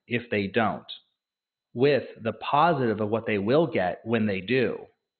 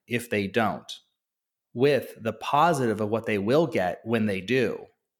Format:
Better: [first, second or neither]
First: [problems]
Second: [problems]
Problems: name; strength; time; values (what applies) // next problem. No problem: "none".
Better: second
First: garbled, watery; badly; nothing above 4 kHz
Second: none